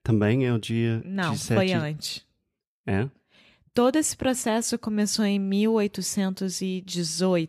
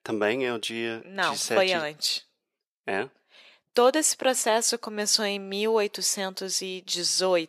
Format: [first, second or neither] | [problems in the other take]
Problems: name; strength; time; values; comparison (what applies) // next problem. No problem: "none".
first | thin; very; fading below 550 Hz